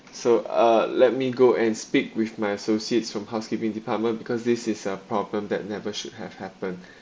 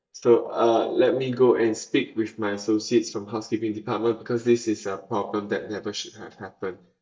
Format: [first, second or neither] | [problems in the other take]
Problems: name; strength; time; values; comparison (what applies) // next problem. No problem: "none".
first | noise reduction (neural mask model DeepFilterNet 3)